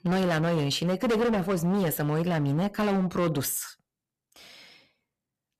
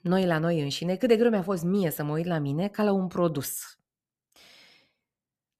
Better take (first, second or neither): second